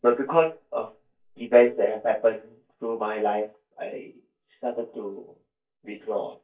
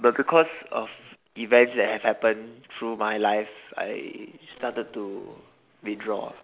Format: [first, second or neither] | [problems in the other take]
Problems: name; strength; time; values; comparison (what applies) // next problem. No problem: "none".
second | noise reduction (neural mask model DeepFilterNet 3)